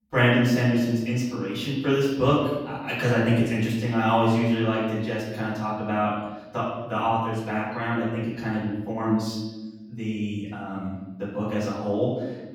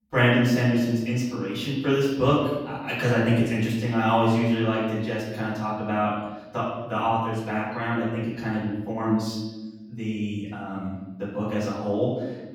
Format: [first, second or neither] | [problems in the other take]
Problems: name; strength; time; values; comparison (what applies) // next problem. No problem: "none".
neither | room echo; noticeable; dies away in 1.1 s; the same in both // off-mic speech; far; the same in both